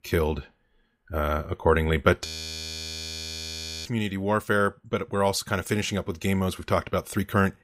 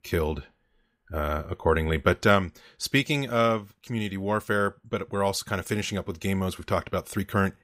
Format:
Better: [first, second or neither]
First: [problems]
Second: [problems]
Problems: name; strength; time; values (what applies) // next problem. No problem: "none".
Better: second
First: audio freezing; at 2.5 s for 1.5 s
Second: none